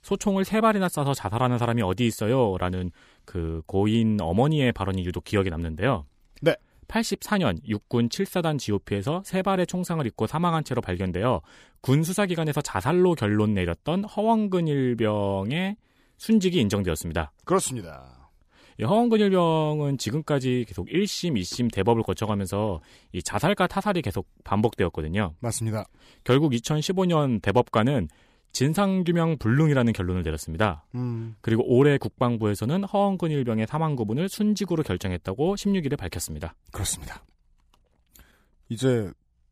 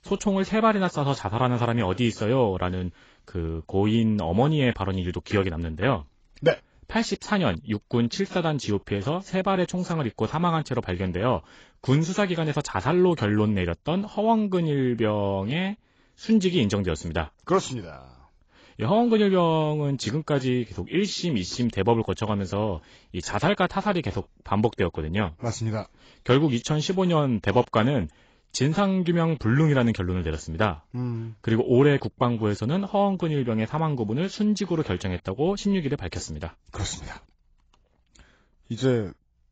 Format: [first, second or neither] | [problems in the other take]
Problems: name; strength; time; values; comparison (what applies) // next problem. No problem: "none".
first | garbled, watery; badly; nothing above 7.5 kHz